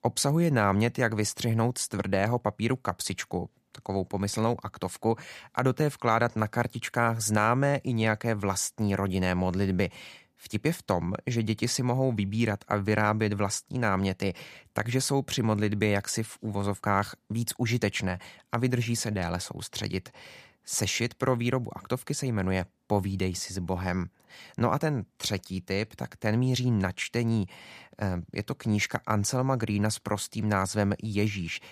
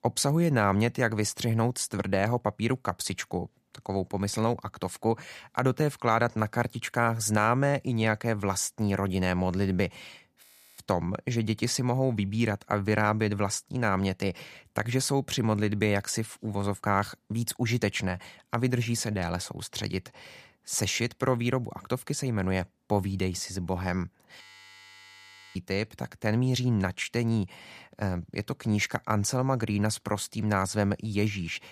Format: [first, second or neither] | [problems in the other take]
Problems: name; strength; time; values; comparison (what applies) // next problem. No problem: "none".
first | audio freezing; at 10 s and at 24 s for 1 s